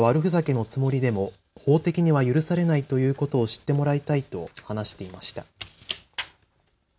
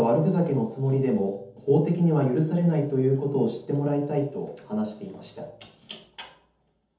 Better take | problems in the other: first | room echo; dies away in 0.6 s

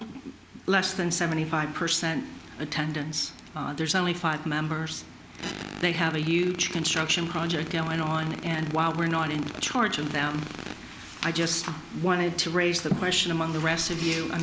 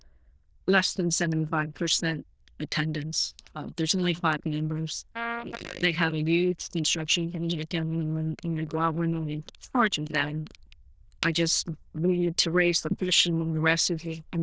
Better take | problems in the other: first | noise reduction (neural diffusion model UNIVERSE++)

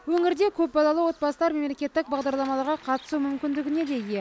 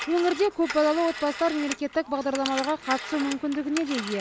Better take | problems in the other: first | background sound (Telephone); 11 dB below the speech

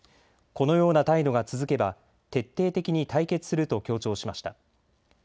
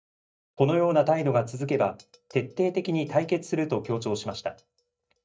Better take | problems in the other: first | noise reduction (neural mask model DeepFilterNet 3)

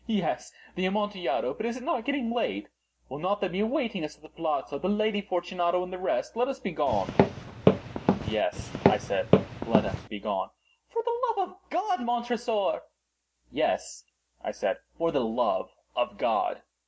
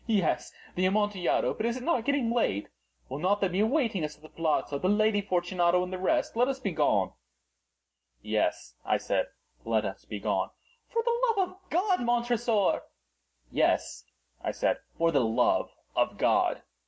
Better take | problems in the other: second | background sound (Walk, footsteps); 3 dB above the speech

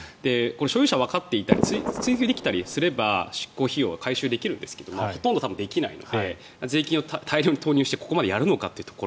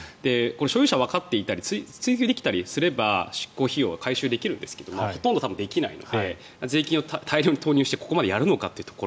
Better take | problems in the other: second | background sound (Fireworks); 4 dB below the speech

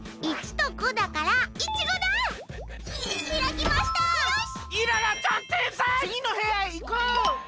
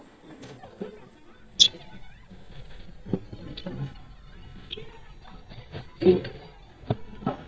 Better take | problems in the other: first | noise reduction (neural mask model DeepFilterNet 3)

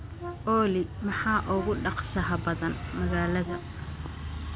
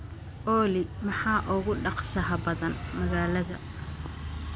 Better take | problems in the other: second | background sound (Brass instrument); 16 dB below the speech

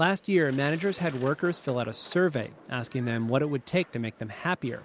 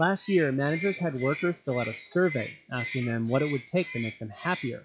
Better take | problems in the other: first | noise reduction (classical method log-MMSE)

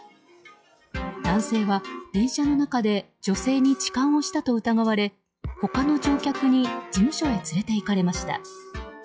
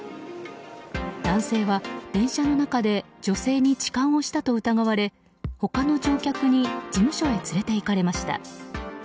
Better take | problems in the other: second | noise reduction (classical method log-MMSE)

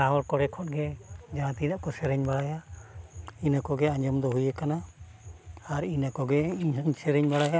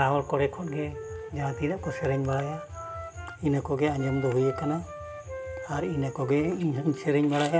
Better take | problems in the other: first | background sound (Wind instrument, woodwind instrument); 13 dB below the speech // room echo; dies away in 0.2 s

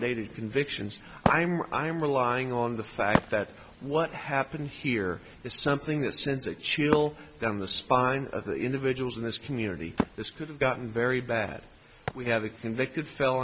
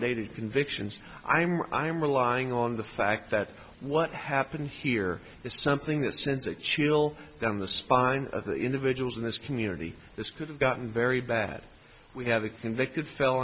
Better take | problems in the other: second | background sound (Wood); 9 dB below the speech

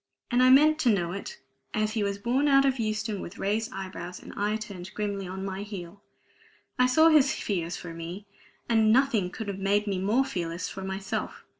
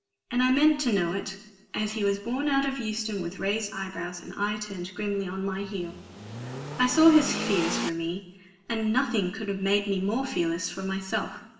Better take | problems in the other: first | background sound (Accelerating, revving, vroom / Car); 7 dB below the speech // room echo; dies away in 1 s

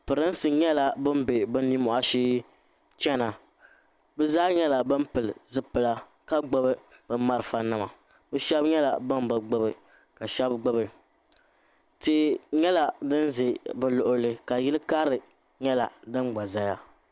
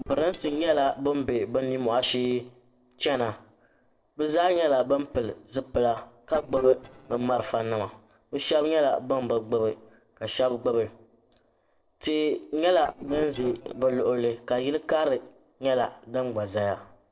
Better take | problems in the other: first | noise reduction (neural separator model SepFormer DNS4)

